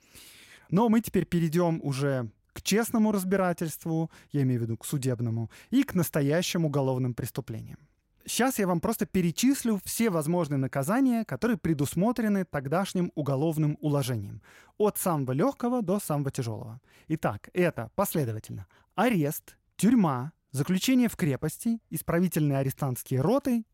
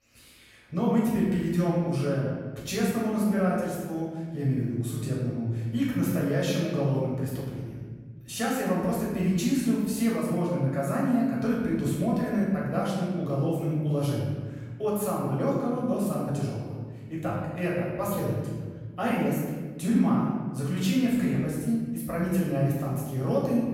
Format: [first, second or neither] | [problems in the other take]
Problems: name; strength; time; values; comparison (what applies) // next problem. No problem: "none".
first | off-mic speech; far // room echo; strong; dies away in 1.5 s